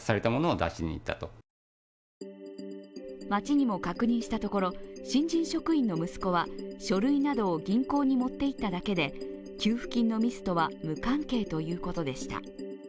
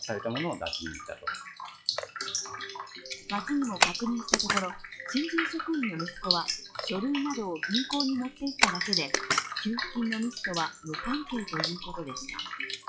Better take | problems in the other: first | noise reduction (classical method log-MMSE)

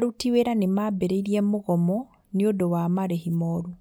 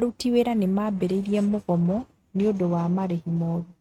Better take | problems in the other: first | noise reduction (neural mask model RNNoise)

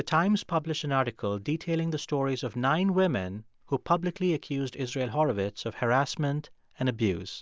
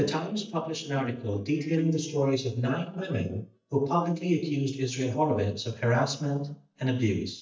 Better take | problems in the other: first | noise reduction (neural mask model DeepFilterNet 3)

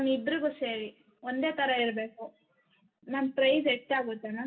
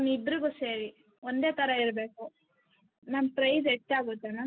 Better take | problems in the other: second | room echo; dies away in 0.2 s

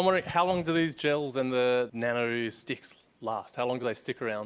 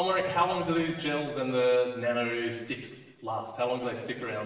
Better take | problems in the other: first | room echo; dies away in 1.1 s

